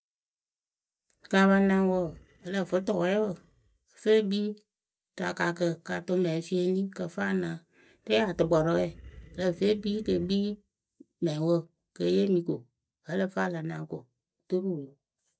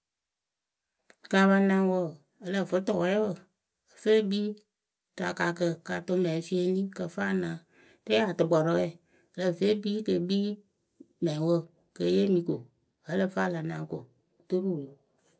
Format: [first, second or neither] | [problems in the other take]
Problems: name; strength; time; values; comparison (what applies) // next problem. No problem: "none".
second | noise reduction (neural mask model DeepFilterNet 3)